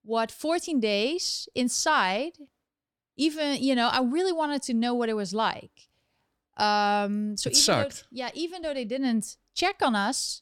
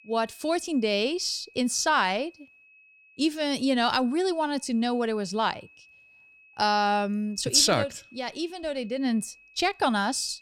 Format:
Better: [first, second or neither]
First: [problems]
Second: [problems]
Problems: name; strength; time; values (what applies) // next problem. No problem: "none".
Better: first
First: none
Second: high-pitched whine; faint; throughout; 2.5 kHz, 30 dB below the speech